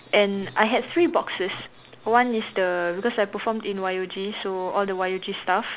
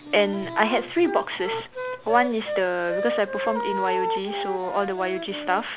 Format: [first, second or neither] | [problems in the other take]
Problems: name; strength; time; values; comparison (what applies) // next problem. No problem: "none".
first | background sound (Wind instrument, woodwind instrument); 5 dB below the speech